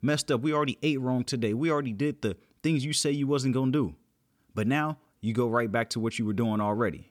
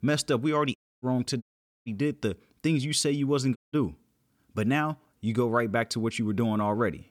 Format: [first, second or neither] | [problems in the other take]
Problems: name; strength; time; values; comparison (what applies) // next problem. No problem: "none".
first | audio cutting out; at 1 s, at 1.5 s and at 3.5 s